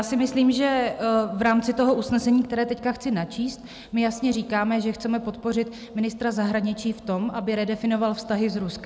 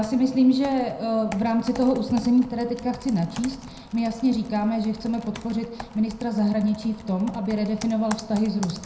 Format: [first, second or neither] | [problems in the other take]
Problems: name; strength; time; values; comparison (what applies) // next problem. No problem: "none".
first | background sound (Computer keyboard); 18 dB below the speech // room echo; dies away in 0.5 s